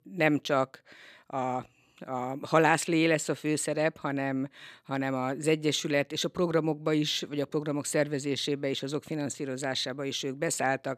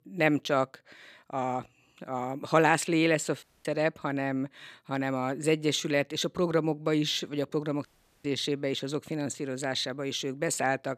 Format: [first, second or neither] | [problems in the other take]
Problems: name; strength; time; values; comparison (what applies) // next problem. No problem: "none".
first | audio cutting out; at 3.5 s and at 8 s